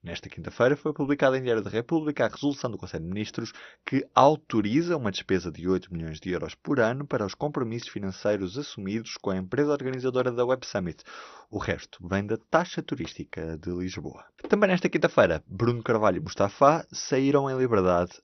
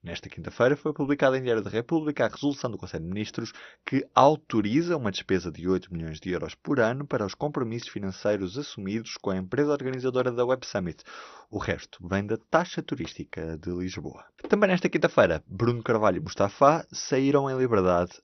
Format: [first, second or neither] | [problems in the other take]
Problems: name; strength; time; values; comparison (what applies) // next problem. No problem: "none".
neither | garbled, watery; slightly; nothing above 6 kHz; the same in both